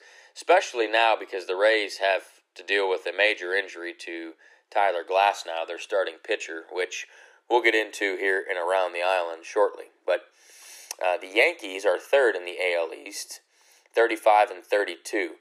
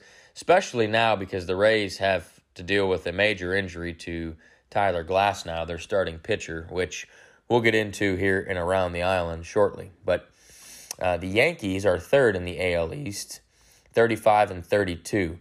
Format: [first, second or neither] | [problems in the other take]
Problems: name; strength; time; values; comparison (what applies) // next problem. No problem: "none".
second | thin; very; fading below 350 Hz